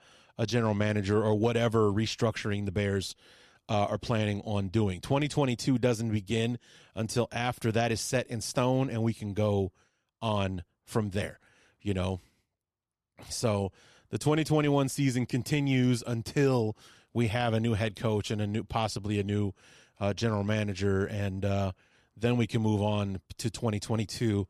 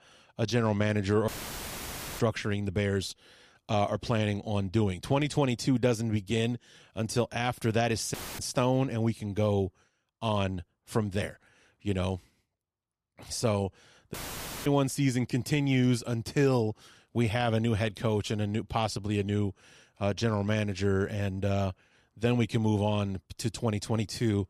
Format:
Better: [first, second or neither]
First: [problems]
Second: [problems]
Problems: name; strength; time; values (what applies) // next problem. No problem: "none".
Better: first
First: none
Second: audio cutting out; filled with static; at 1.5 s for 1 s, at 8 s and at 14 s for 0.5 s